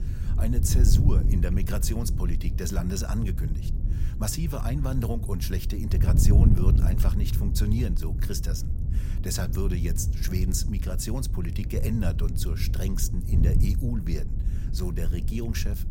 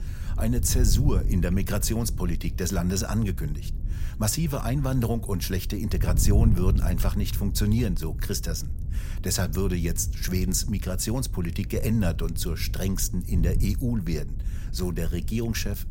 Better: second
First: wind noise on the microphone; heavy; 6 dB below the speech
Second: wind noise on the microphone; occasional gusts; 15 dB below the speech

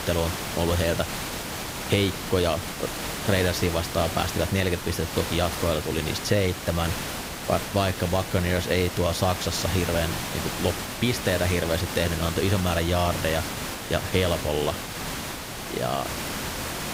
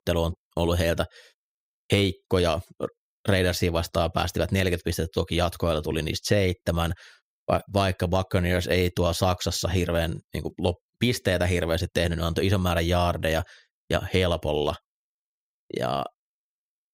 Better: second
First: hiss; loud; throughout; 5 dB below the speech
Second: none

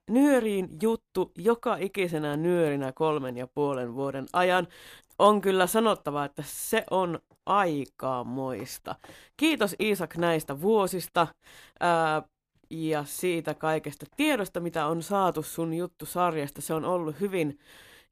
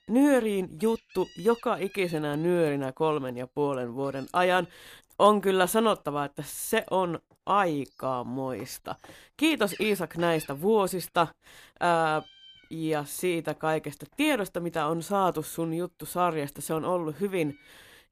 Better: first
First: none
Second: animal sounds; faint; throughout; 25 dB below the speech

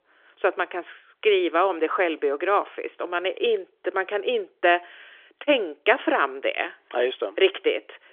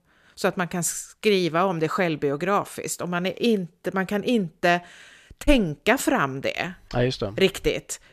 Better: second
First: phone-call audio; nothing above 3.5 kHz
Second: none

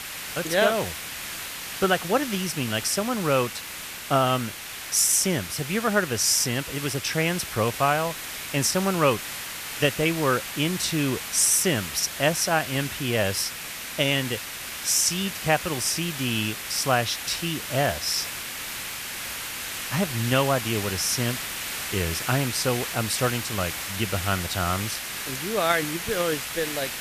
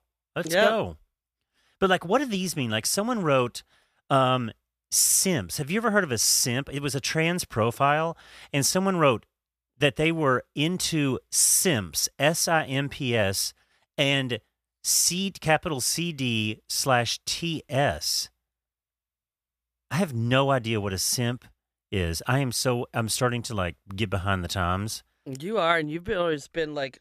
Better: second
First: hiss; loud; throughout; 7 dB below the speech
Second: none

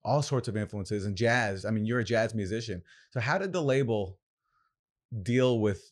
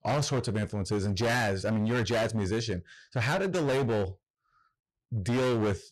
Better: first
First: none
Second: distortion; heavy; 22% of the sound clipped

